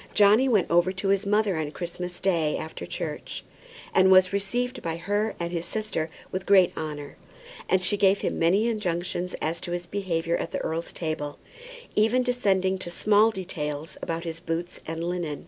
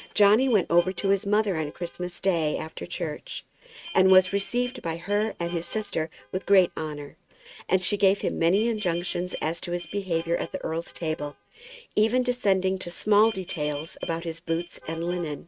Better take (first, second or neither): first